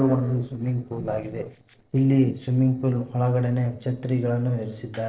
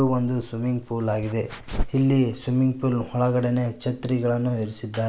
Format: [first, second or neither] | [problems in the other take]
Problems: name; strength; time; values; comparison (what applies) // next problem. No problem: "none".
second | noise reduction (neural separator model SepFormer DNS4)